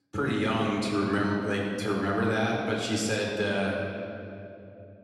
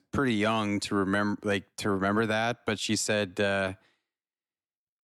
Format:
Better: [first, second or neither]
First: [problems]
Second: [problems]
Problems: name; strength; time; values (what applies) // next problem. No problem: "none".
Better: second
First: room echo; noticeable; dies away in 2.6 s // off-mic speech; far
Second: none